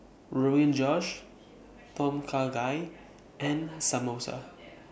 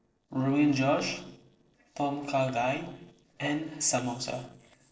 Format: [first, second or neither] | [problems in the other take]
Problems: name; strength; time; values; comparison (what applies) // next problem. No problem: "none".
first | noise reduction (neural separator model SepFormer DNS4)